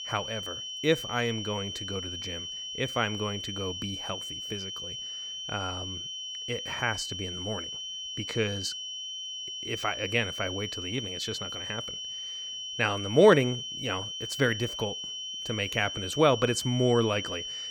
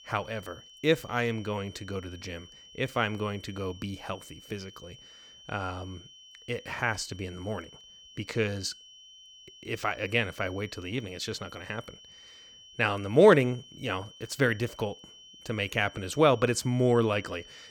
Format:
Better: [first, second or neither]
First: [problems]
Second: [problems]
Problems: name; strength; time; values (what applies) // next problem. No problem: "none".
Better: second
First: high-pitched whine; loud; throughout; 3 kHz, 5 dB below the speech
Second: high-pitched whine; faint; throughout; 3 kHz, 20 dB below the speech